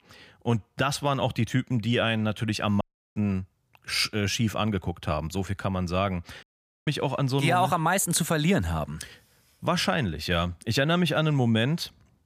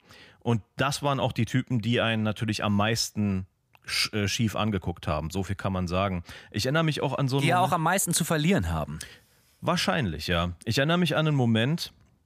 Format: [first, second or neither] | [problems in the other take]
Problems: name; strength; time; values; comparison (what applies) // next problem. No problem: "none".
second | audio cutting out; at 3 s and at 6.5 s